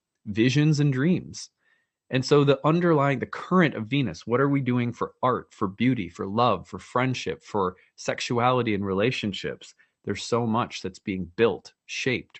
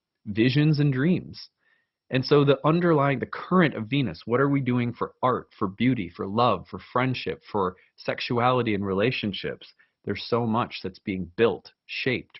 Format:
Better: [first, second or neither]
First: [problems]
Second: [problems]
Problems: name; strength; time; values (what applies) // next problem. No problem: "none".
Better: first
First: garbled, watery; slightly; nothing above 8 kHz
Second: garbled, watery; badly; nothing above 5.5 kHz